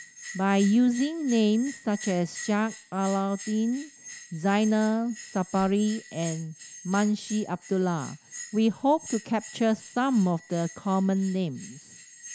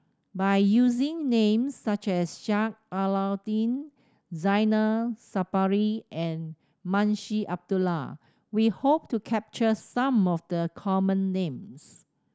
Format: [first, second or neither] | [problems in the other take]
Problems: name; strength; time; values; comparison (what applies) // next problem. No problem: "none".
second | background sound (Bell); 17 dB below the speech